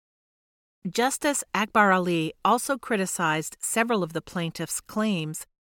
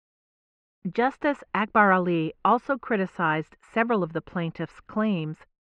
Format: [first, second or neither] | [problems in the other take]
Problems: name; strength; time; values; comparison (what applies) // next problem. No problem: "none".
first | muffled; very; fading above 2 kHz